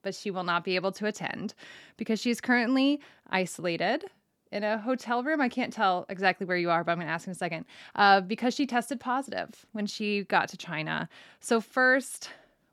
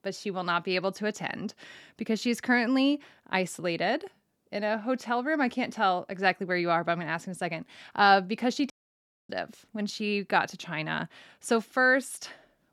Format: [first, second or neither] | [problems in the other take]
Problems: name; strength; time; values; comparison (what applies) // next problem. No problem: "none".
first | audio cutting out; at 8.5 s for 0.5 s